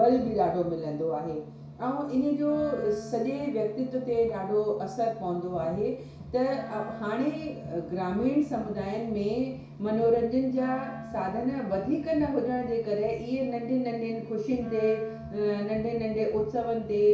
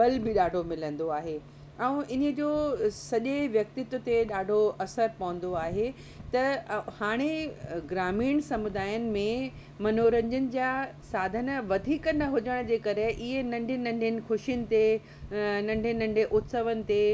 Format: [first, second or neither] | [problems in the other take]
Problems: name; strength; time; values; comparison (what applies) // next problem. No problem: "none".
second | background sound (Wind instrument, woodwind instrument); 17 dB below the speech // room echo; dies away in 0.6 s